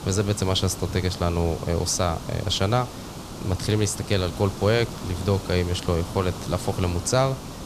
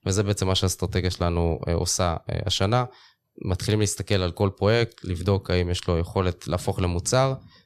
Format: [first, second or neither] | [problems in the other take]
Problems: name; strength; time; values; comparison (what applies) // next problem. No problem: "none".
second | hiss; noticeable; throughout; 10 dB below the speech